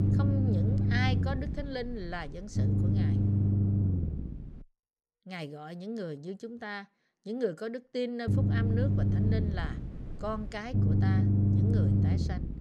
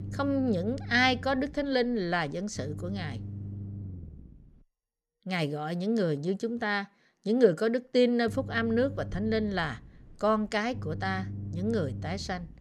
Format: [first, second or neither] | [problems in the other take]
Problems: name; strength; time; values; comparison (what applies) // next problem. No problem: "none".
second | low rumble; loud; until 4.5 s and from 8.5 s on; as loud as the speech; faint in the second